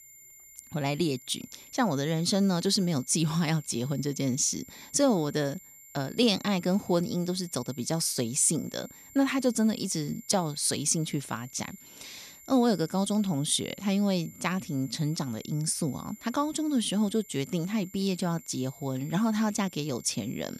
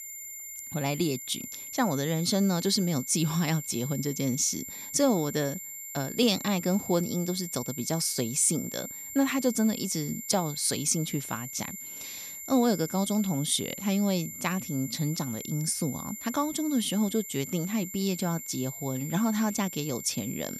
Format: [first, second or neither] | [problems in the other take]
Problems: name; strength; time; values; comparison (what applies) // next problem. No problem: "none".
first | high-pitched whine; loud; throughout; 7.5 kHz, 9 dB below the speech; faint in the first